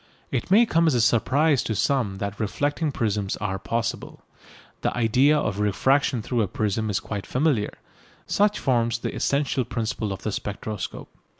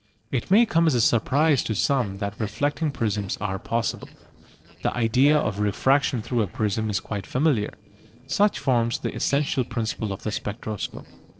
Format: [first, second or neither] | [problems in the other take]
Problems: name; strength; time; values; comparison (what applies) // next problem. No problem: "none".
first | noise reduction (neural separator model SepFormer DNS4)